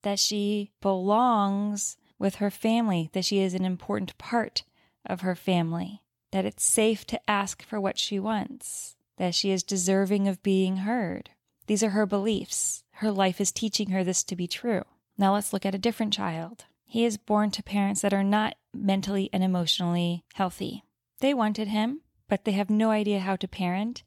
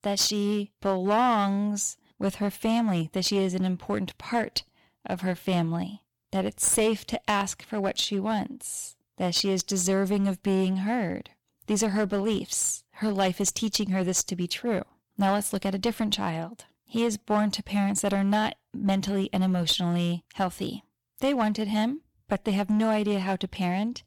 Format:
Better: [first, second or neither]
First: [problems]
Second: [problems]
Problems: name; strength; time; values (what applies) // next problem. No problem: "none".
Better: first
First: none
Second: distortion; slight; 6% of the sound clipped